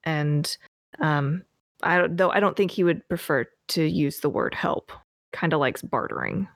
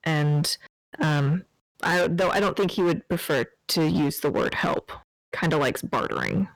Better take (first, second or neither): first